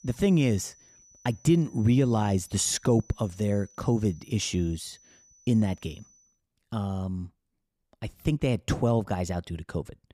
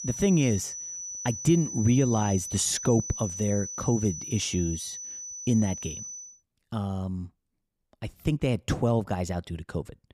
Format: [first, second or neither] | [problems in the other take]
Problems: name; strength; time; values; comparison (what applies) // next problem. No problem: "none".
first | high-pitched whine; loud; until 6.5 s; 6 kHz, 7 dB below the speech; faint in the first